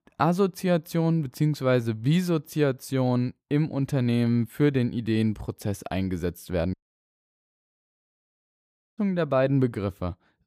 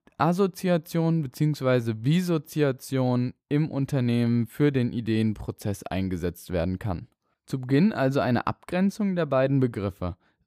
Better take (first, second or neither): second